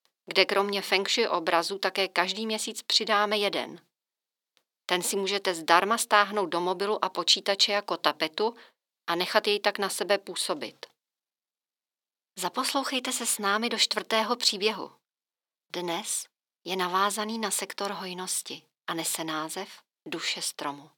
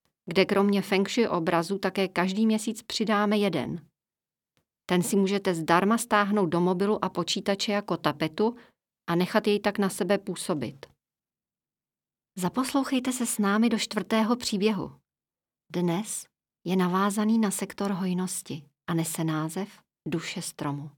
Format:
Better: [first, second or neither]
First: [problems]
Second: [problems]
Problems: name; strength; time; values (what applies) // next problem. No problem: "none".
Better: second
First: thin; somewhat; fading below 500 Hz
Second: none